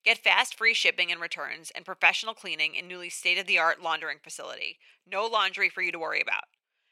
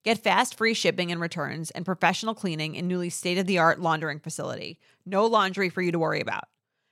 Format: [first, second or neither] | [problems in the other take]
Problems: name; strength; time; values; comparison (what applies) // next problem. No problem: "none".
second | thin; very; fading below 550 Hz